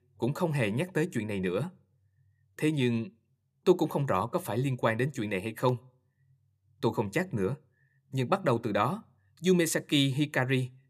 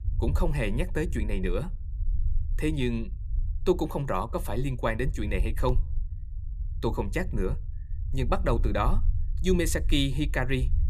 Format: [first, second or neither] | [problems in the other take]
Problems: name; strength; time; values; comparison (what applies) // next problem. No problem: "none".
first | low rumble; faint; throughout; 20 dB below the speech